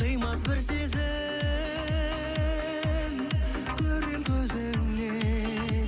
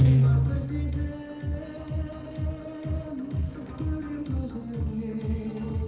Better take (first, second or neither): first